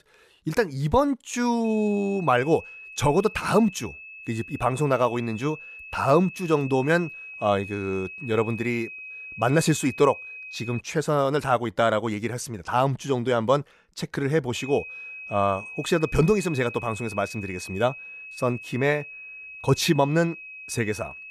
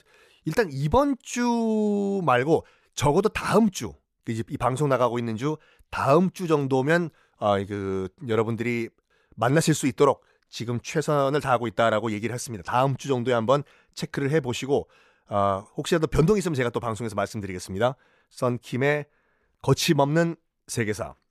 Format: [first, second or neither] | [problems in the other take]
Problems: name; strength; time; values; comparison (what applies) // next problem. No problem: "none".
second | high-pitched whine; noticeable; from 1.5 to 11 s and from 15 s on; 2.5 kHz, 15 dB below the speech